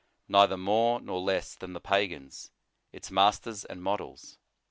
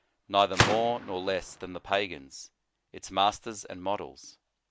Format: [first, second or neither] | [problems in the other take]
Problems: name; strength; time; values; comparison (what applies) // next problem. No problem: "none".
first | background sound (Gunshot, gunfire); 4 dB below the speech